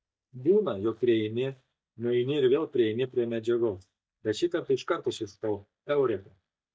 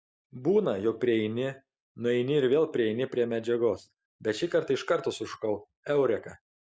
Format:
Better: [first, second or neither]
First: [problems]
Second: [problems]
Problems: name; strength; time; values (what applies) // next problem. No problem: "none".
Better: second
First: noise reduction (neural mask model DeepFilterNet 3)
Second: none